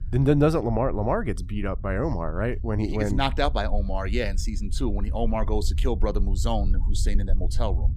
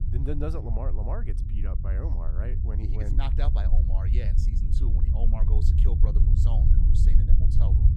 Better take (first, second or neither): first